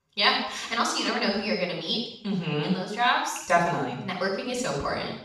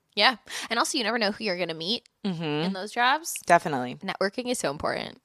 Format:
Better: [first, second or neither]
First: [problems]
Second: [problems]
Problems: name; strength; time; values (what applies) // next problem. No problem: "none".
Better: second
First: room echo; noticeable; dies away in 0.6 s // off-mic speech; far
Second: none